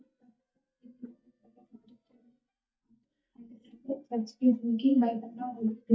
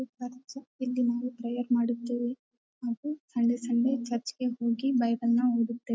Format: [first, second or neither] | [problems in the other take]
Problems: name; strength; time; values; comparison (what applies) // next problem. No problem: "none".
second | noise reduction (neural mask model DeepFilterNet 3)